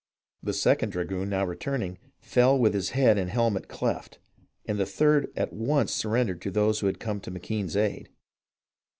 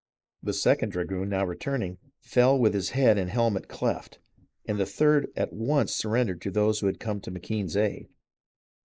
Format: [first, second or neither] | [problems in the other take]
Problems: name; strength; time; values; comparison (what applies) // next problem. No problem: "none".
first | noise reduction (neural mask model Resemble Enhance denoiser)